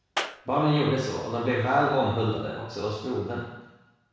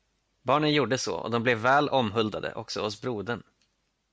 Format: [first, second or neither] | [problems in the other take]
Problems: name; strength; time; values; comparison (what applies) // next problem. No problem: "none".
second | background sound (Clapping); 9 dB below the speech // room echo; dies away in 1.1 s